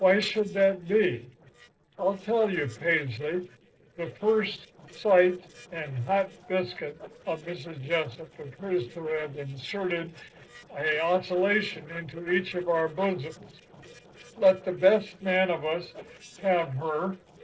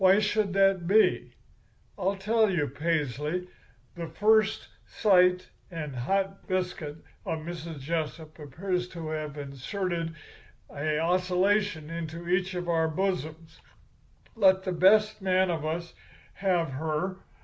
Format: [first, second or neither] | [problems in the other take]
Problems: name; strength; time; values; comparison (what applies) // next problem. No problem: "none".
second | noise reduction (neural separator model SepFormer DNS4)